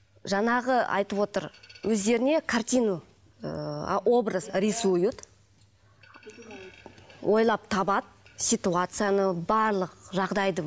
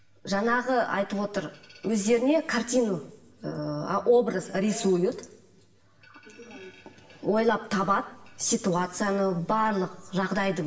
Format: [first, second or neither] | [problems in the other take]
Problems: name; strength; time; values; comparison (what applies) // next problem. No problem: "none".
first | room echo; dies away in 0.9 s